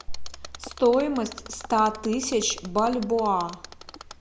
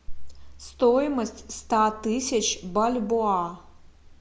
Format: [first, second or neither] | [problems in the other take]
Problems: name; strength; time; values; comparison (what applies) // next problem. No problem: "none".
second | background sound (Mechanisms); 18 dB below the speech